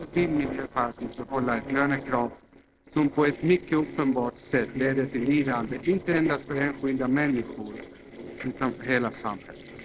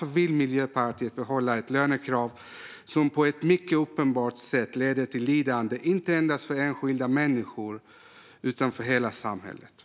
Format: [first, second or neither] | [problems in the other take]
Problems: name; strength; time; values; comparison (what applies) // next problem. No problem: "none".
second | noise reduction (neural separator model SepFormer DNS4)